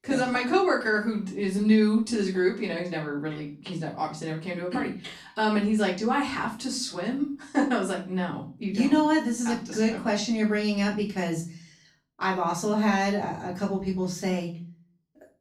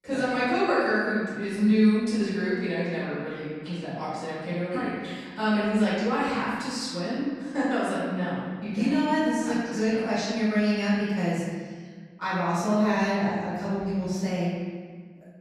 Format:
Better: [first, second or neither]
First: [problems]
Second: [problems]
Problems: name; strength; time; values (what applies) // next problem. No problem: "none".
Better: first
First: room echo; slight; dies away in 0.3 s // off-mic speech; far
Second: room echo; strong; dies away in 1.6 s // off-mic speech; far